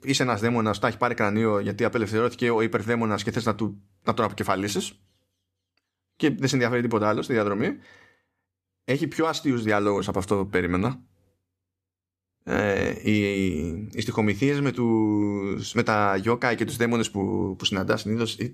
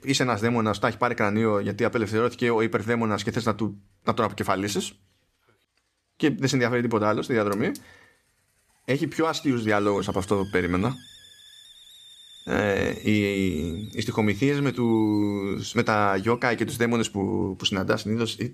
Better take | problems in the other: first | hiss; faint; throughout; 20 dB below the speech

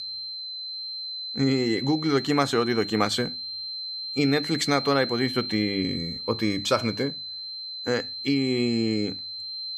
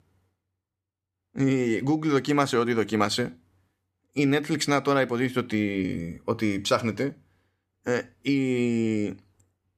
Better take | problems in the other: second | high-pitched whine; loud; throughout; 4 kHz, 6 dB below the speech

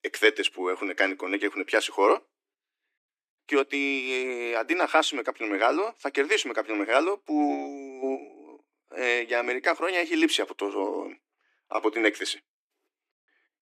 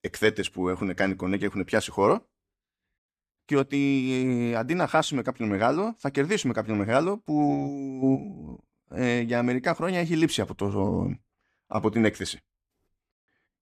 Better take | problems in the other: second | thin; somewhat; fading below 300 Hz

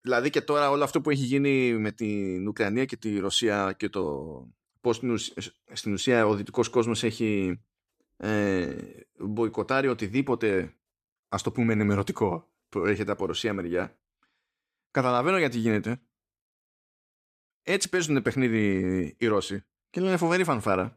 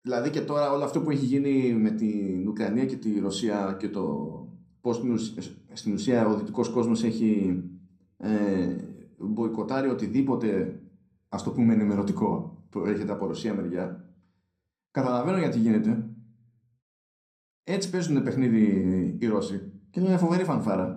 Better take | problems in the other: first | room echo; slight; dies away in 0.5 s // off-mic speech; somewhat distant

